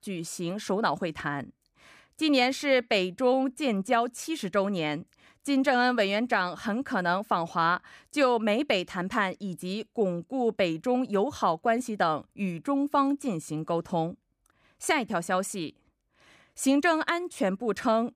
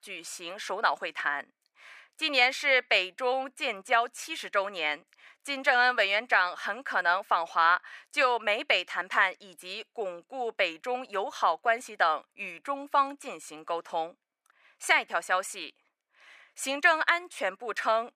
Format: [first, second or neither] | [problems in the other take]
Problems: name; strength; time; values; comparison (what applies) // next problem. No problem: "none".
first | thin; very; fading below 650 Hz